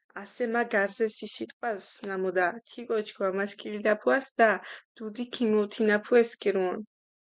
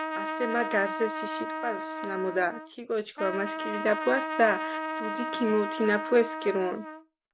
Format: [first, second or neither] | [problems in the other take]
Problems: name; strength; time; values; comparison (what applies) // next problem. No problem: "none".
first | background sound (Trumpet); 5 dB below the speech